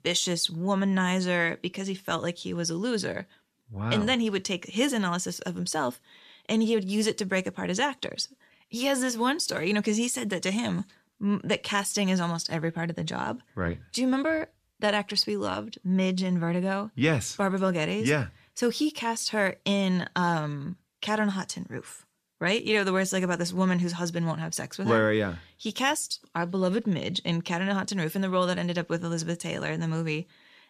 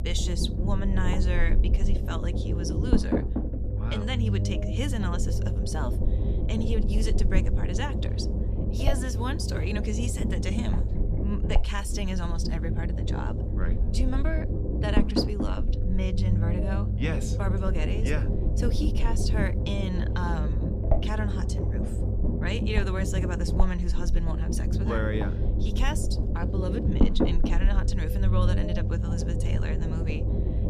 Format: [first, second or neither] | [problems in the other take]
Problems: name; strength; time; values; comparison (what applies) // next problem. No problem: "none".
first | low rumble; loud; throughout; 2 dB below the speech